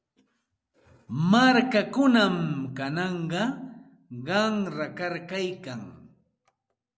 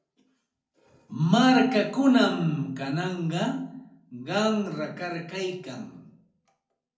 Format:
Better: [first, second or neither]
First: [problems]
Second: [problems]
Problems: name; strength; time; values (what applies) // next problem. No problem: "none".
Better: first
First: none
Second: room echo; dies away in 0.4 s